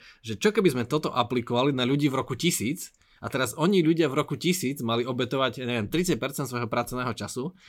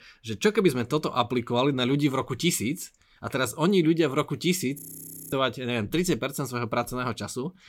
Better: first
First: none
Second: audio freezing; at 5 s for 0.5 s

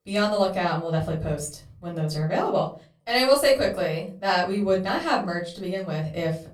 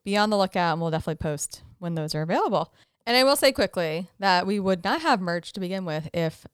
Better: second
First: off-mic speech; far // room echo; slight; dies away in 0.3 s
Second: none

